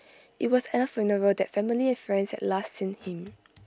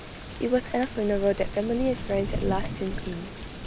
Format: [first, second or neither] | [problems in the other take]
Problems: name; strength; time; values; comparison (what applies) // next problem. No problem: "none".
first | background sound (Thunder / Rain); 5 dB below the speech